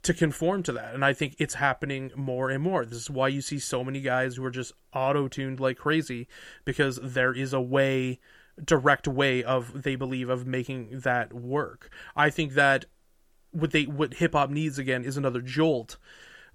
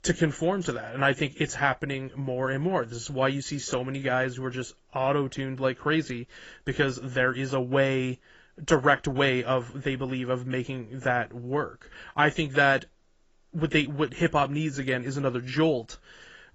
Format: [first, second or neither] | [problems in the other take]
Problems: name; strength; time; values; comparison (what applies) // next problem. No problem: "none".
first | garbled, watery; badly; nothing above 7.5 kHz